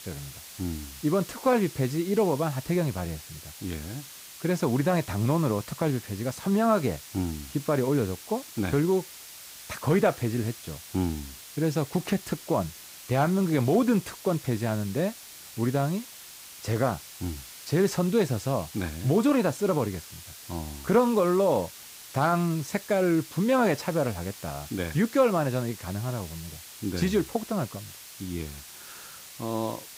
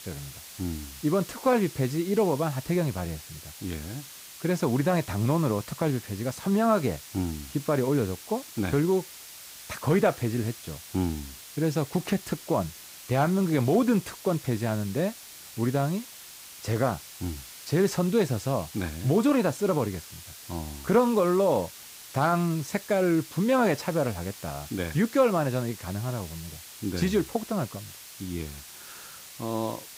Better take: neither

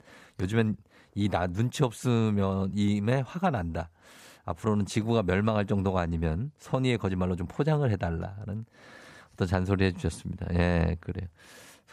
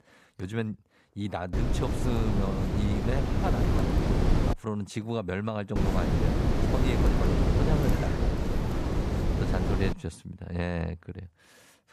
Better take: first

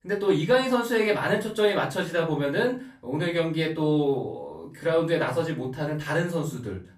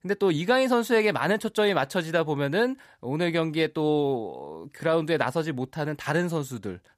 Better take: second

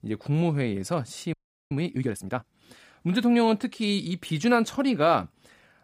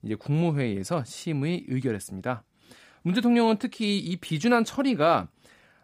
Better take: second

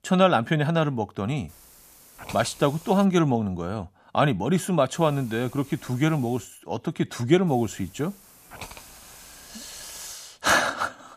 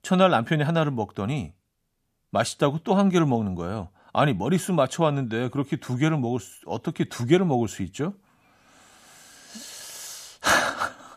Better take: second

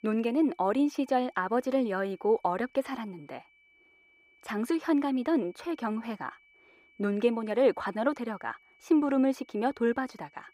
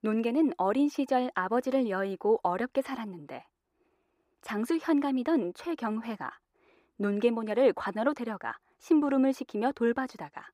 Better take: second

